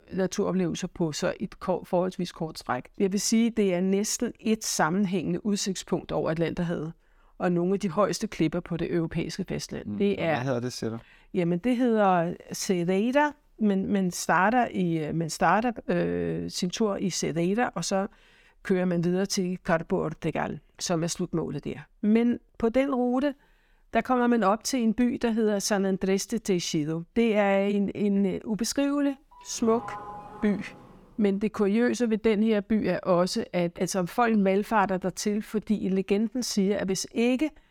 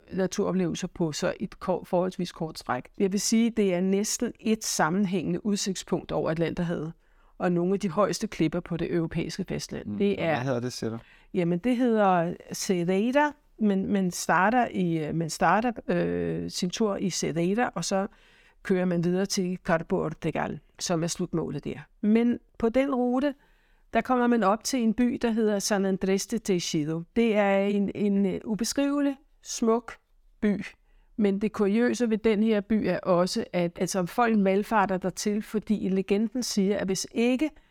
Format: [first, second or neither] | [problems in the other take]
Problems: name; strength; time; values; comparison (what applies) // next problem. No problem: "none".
second | doorbell; faint; from 29 to 31 s; peak 10 dB below the speech